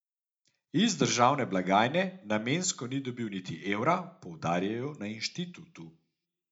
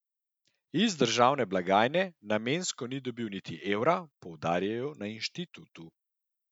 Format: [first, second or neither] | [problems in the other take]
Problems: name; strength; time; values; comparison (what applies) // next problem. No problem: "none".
second | room echo; dies away in 0.3 s